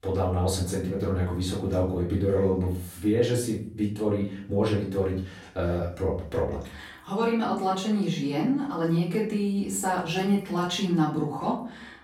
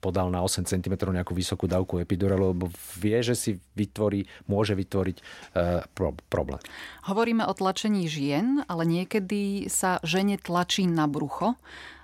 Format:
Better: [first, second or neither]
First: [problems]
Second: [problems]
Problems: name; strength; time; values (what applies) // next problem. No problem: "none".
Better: second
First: room echo; noticeable; dies away in 0.5 s // off-mic speech; far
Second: none